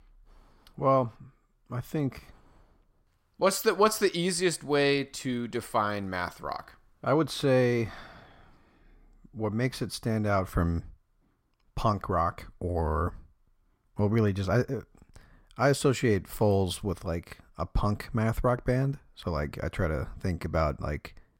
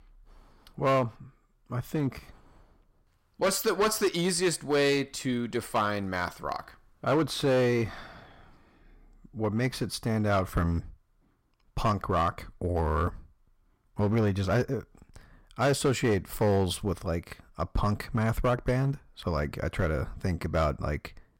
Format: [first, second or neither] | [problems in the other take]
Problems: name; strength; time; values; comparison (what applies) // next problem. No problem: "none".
first | distortion; slight; 5% of the sound clipped